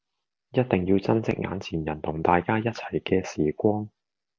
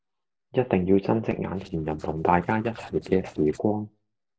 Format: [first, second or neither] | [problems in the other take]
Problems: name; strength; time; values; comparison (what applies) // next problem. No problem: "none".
first | noise reduction (neural separator model SepFormer DNS4)